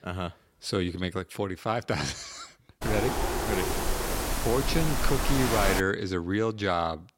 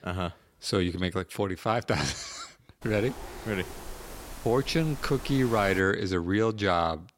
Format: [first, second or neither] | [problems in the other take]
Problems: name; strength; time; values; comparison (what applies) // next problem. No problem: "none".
second | wind noise on the microphone; heavy; from 3 to 6 s; as loud as the speech; occasional gusts in the second